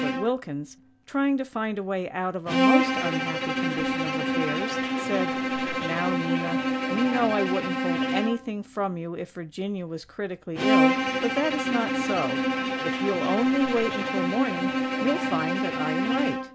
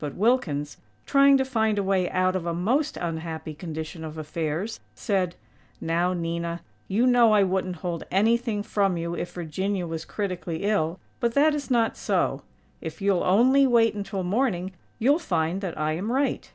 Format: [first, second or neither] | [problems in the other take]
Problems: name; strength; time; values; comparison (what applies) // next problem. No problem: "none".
second | background sound (Bowed string instrument); 2 dB above the speech